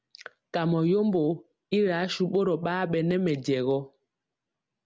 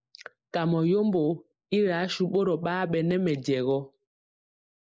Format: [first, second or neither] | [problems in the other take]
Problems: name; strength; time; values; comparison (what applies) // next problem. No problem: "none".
first | noise reduction (neural mask model Resemble Enhance denoiser)